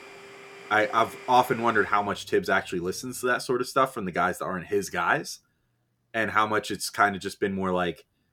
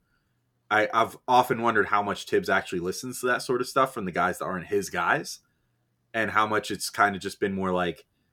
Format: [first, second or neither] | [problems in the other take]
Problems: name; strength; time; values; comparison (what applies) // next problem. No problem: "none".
second | household noises; noticeable; until 3.5 s; 20 dB below the speech